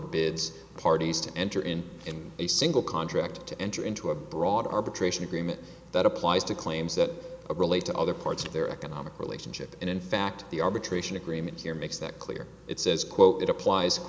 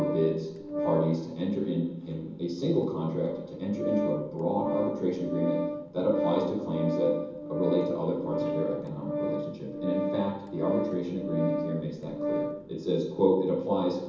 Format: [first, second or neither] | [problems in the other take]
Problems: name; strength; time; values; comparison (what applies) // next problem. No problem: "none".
first | background sound (Organ); 4 dB below the speech // room echo; dies away in 0.9 s